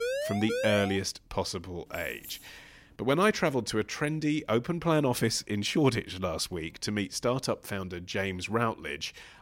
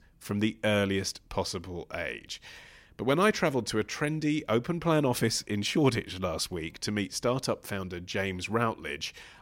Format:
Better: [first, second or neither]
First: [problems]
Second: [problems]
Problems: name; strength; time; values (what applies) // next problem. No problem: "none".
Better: second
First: siren; noticeable; at the start; peak 2 dB below the speech // jangling keys; faint; from 2 to 3 s; peak 15 dB below the speech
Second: none